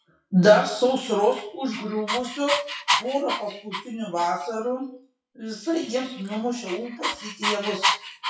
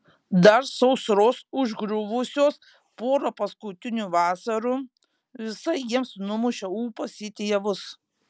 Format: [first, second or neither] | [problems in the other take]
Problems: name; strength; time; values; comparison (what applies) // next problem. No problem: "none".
second | noise reduction (classical method WPE with log-MMSE)